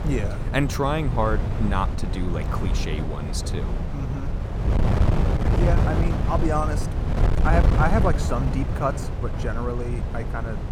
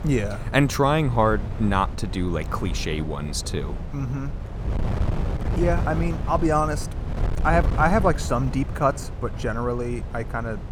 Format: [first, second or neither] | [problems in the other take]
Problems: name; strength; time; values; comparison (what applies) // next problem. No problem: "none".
second | wind noise on the microphone; heavy; 5 dB below the speech; occasional gusts in the second